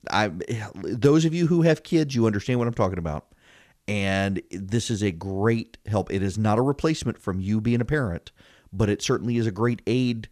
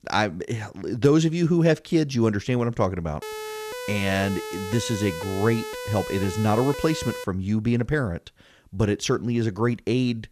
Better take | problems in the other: first | siren; noticeable; from 3 to 7 s; peak 9 dB below the speech

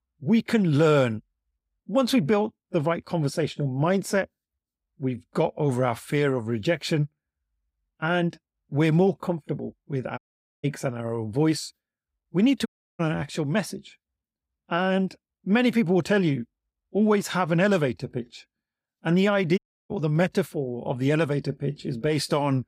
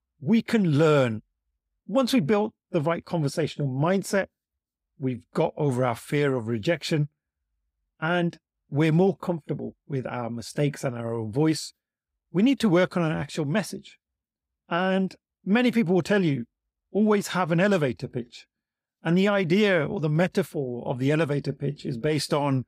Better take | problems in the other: second | audio cutting out; at 10 s, at 13 s and at 20 s

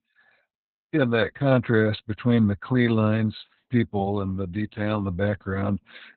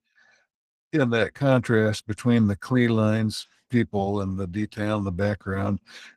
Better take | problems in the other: second | garbled, watery; badly; nothing above 4 kHz; slightly in the second

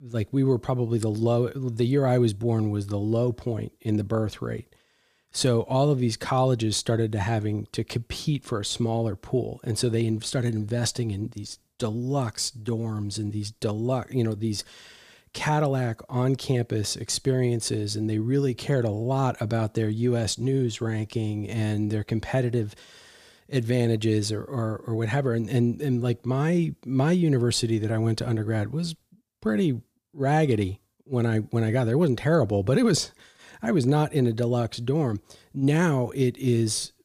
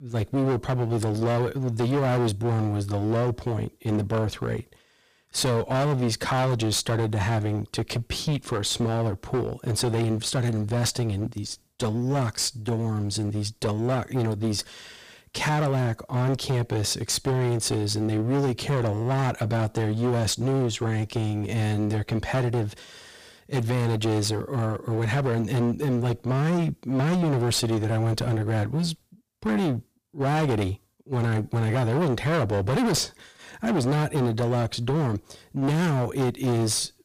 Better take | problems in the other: first | distortion; heavy; 21% of the sound clipped

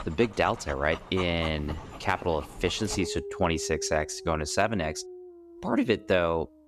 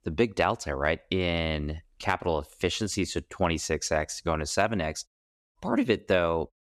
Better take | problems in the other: second | animal sounds; noticeable; throughout; 15 dB below the speech

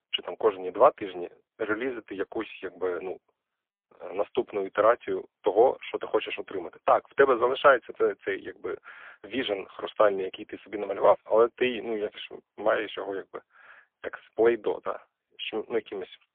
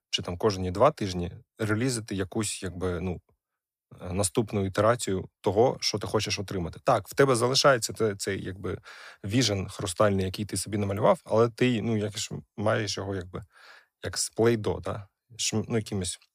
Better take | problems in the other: second | phone-call audio; poor line; nothing above 3.5 kHz

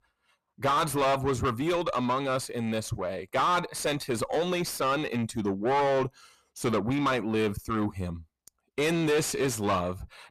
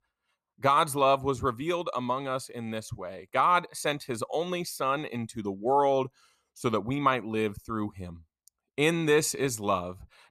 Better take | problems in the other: second | distortion; heavy; 6 dB below the speech

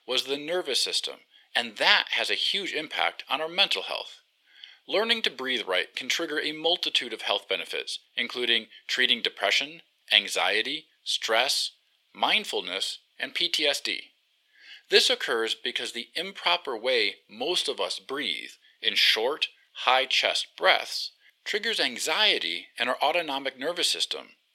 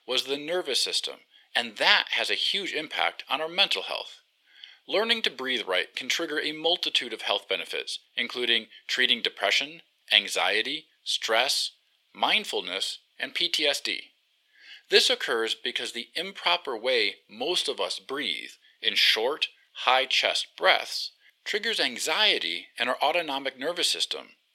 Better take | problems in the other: neither | thin; very; fading below 450 Hz; the same in both

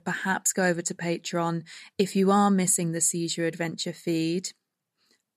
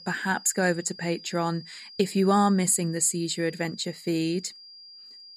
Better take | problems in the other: first | high-pitched whine; noticeable; throughout; 5 kHz, 20 dB below the speech

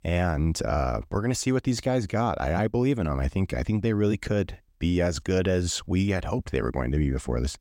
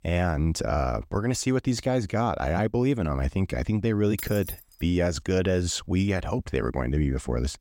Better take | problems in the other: first | jangling keys; noticeable; at 4 s; peak 9 dB below the speech

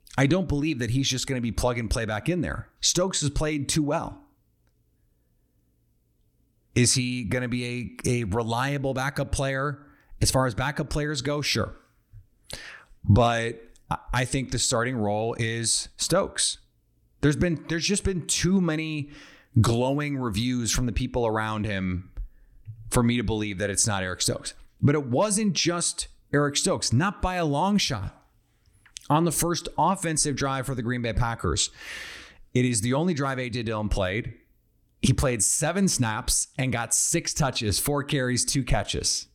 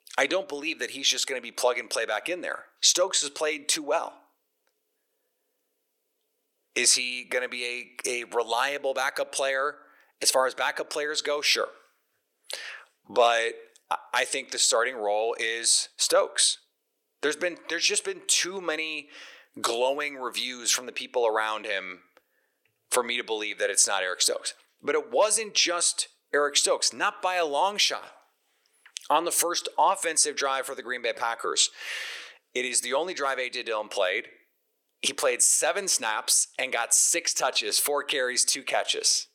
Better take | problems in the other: first | thin; very; fading below 450 Hz

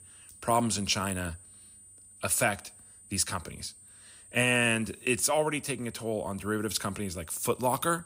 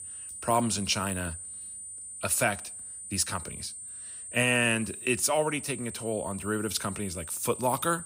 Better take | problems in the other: first | high-pitched whine; loud; throughout; 8.5 kHz, 10 dB below the speech; faint in the first

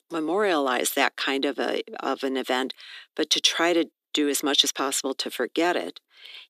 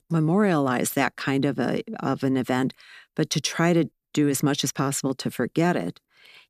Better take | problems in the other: second | thin; somewhat; fading below 300 Hz

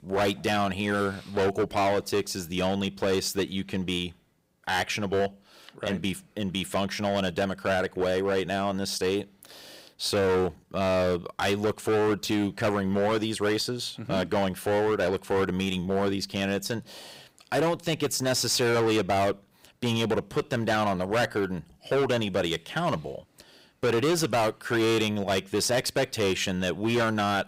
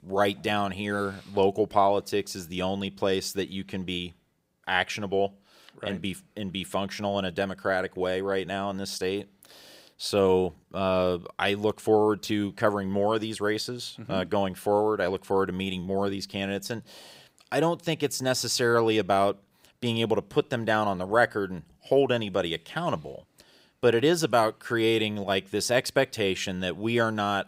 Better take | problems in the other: second | distortion; heavy; 13% of the sound clipped

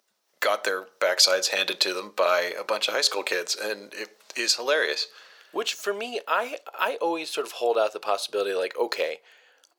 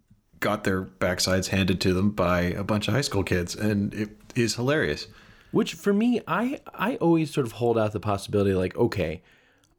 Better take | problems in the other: second | thin; very; fading below 500 Hz

